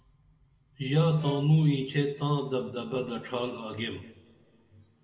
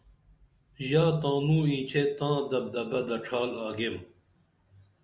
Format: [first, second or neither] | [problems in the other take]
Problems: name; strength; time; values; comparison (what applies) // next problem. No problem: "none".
second | background sound (Bowed string instrument); 18 dB below the speech // room echo; dies away in 1.5 s